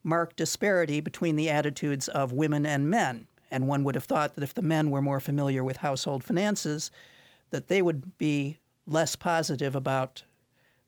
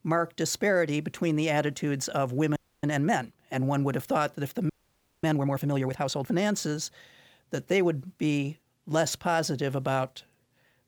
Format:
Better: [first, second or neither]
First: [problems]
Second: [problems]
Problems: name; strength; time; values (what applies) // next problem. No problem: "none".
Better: first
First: none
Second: audio freezing; at 2.5 s and at 4.5 s for 0.5 s